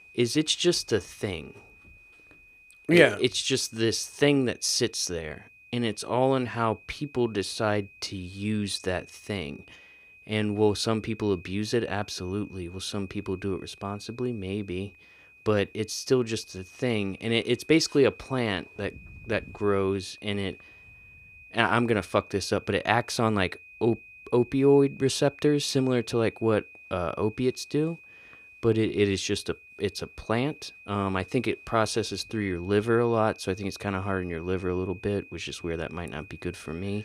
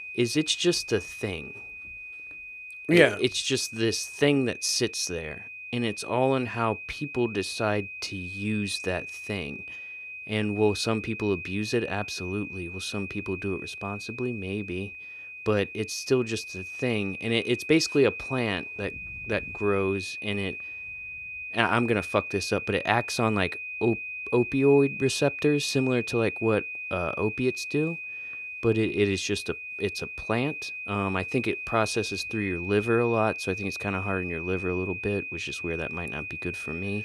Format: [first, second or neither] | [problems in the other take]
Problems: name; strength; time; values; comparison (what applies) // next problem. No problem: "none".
first | high-pitched whine; loud; throughout; 2.5 kHz, 7 dB below the speech; faint in the first